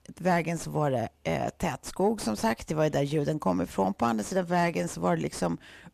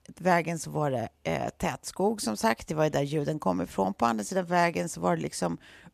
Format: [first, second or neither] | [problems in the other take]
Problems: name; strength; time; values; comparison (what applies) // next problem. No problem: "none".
second | distortion; slight; 10 dB below the speech